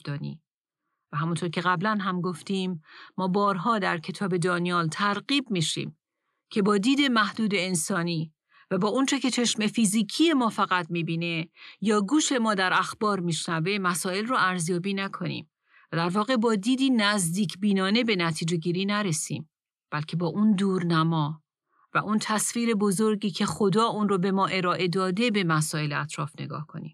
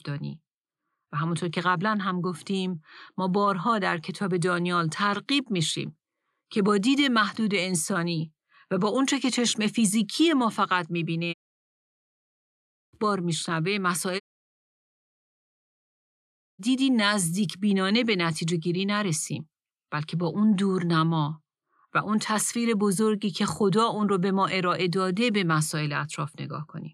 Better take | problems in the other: first | audio cutting out; at 11 s for 1.5 s and at 14 s for 2.5 s

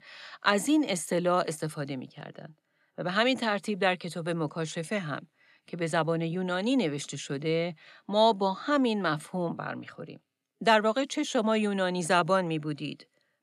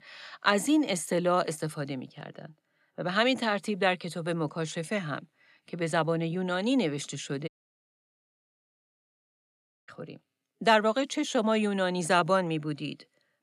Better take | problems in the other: first | audio cutting out; at 7.5 s for 2.5 s

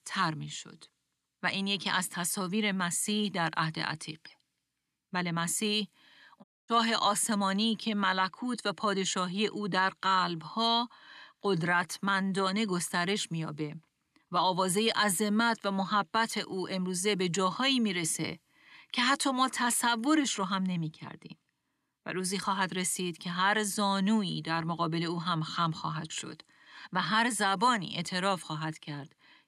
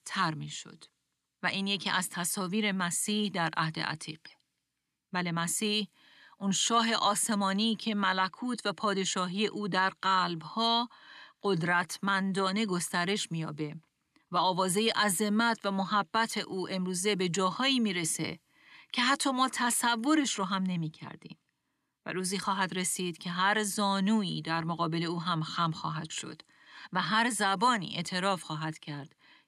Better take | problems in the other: second | audio cutting out; at 6.5 s

